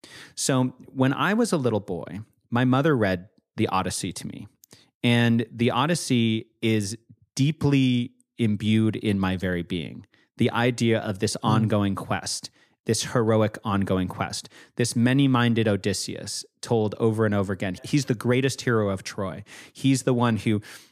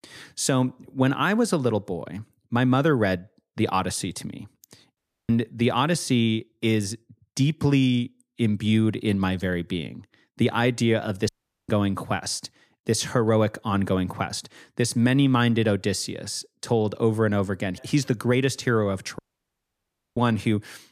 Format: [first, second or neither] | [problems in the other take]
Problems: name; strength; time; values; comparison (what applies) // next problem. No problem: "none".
first | audio cutting out; at 5 s, at 11 s and at 19 s for 1 s